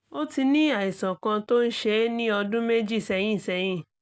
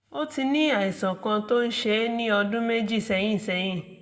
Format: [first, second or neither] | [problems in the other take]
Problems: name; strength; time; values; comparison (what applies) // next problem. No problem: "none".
first | room echo; dies away in 0.9 s